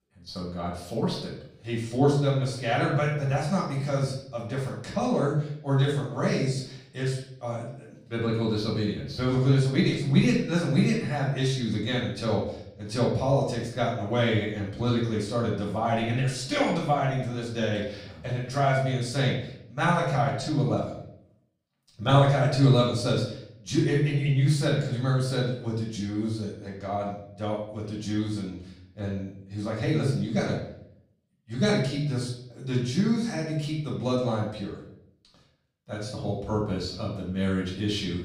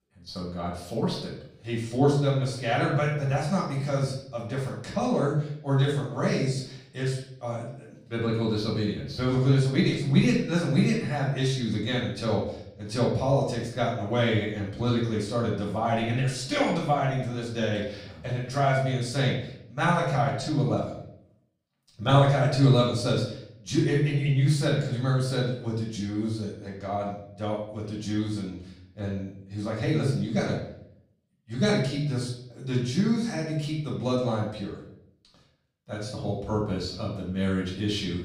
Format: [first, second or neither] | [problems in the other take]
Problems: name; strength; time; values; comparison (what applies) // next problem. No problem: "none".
neither | off-mic speech; far; the same in both // room echo; noticeable; dies away in 0.6 s; the same in both